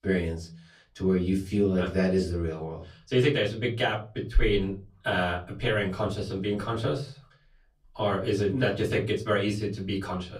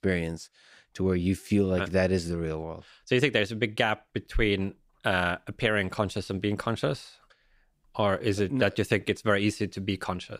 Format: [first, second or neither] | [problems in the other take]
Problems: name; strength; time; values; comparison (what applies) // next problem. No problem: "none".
second | off-mic speech; far // room echo; very slight; dies away in 0.4 s